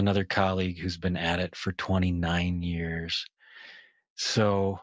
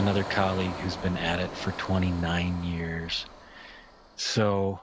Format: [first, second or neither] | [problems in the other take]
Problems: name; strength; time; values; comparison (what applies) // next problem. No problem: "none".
first | background sound (Engine); 11 dB below the speech